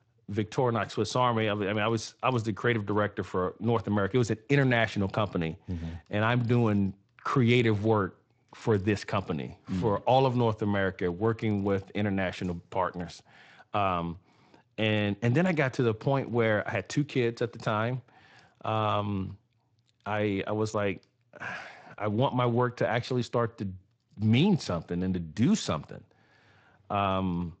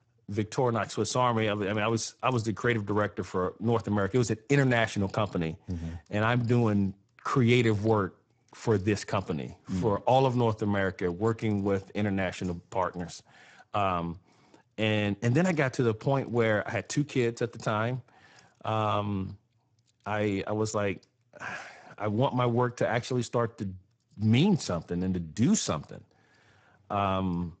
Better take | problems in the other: first | garbled, watery; badly; nothing above 7.5 kHz; slightly in the first

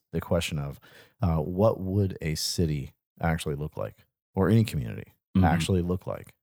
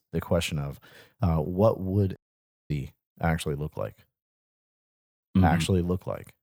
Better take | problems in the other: first | audio cutting out; at 2 s for 0.5 s and at 4.5 s for 1 s

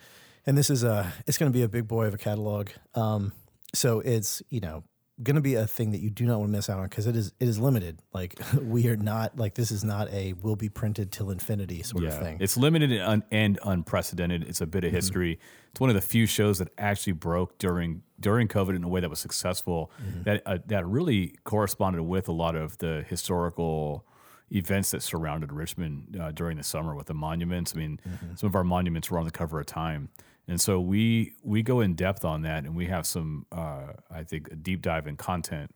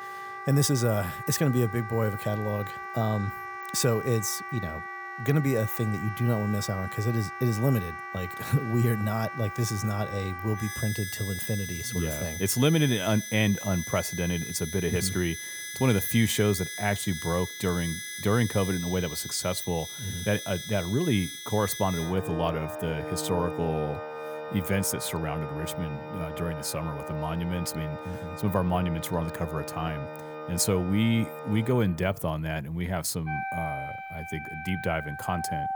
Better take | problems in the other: first | background music; loud; throughout; 8 dB below the speech

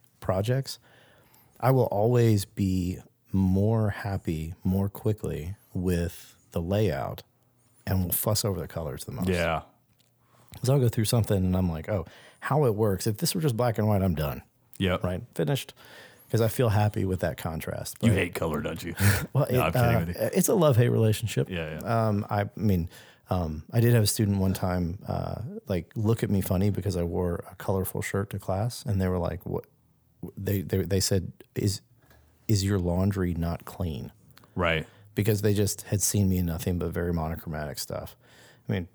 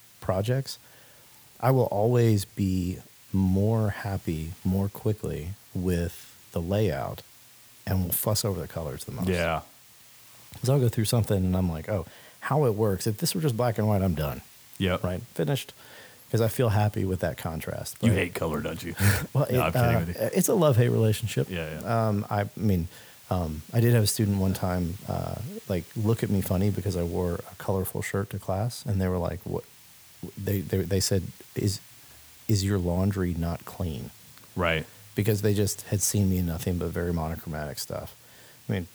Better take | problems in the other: first | hiss; faint; throughout; 20 dB below the speech

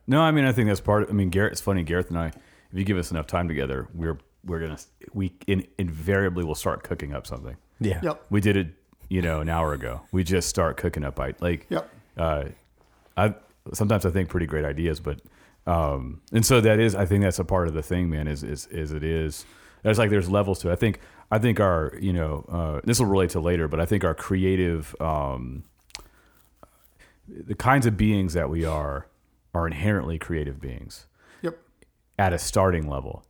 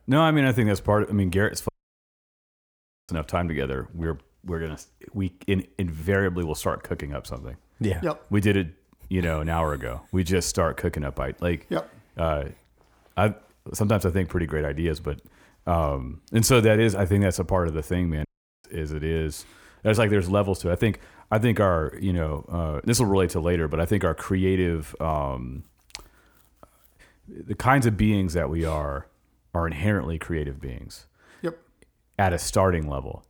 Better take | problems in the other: first | audio cutting out; at 1.5 s for 1.5 s and at 18 s

